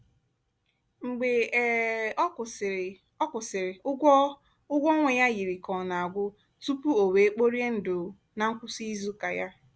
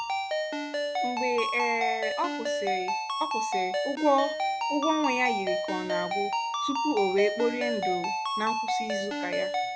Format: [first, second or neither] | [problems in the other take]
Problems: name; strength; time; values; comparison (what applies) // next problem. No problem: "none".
first | background sound (Ringtone); 1 dB above the speech